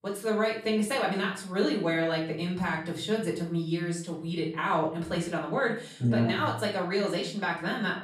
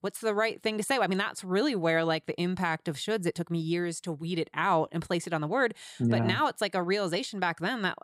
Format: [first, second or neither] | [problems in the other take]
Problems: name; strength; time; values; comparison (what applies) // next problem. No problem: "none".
second | off-mic speech; far // room echo; slight; dies away in 0.5 s